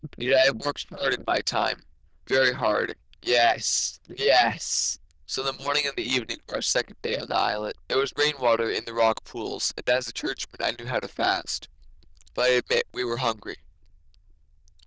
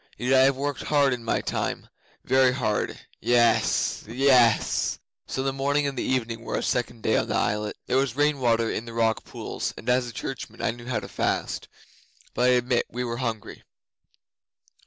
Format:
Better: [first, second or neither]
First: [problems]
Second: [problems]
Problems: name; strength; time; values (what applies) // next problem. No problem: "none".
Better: second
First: noise reduction (neural diffusion model UNIVERSE++)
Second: none